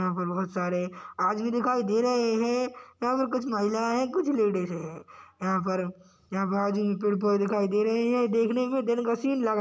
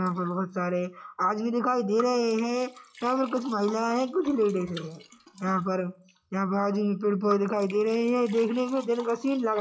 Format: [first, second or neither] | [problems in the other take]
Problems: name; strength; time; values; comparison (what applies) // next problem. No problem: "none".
first | noise reduction (classical method log-MMSE)